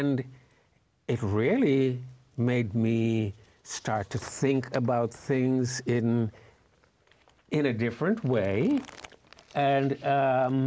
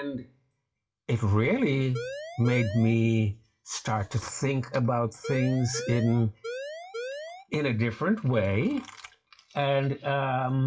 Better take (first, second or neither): first